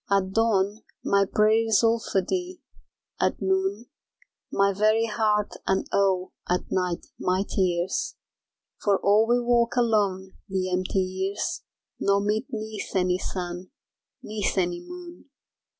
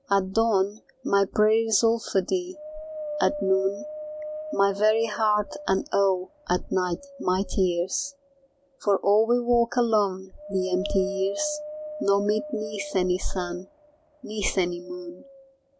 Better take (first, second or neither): first